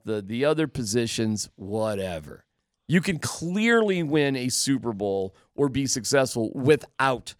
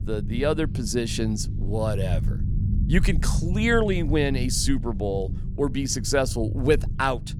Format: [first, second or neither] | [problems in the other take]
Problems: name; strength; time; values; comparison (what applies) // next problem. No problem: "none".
first | low rumble; noticeable; throughout; 15 dB below the speech